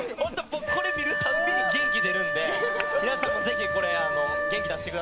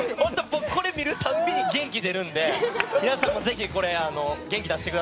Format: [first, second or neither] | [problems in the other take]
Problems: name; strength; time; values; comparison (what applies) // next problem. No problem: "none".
second | background sound (Wind instrument, woodwind instrument); 2 dB above the speech